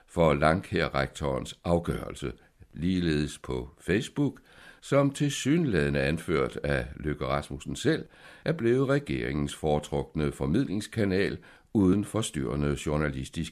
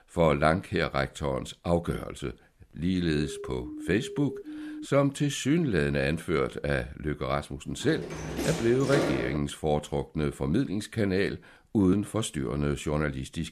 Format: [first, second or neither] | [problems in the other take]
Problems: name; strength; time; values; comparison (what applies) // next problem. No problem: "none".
first | siren; faint; from 3 to 5 s; peak 10 dB below the speech // door banging; loud; from 8 to 9.5 s; peak level with the speech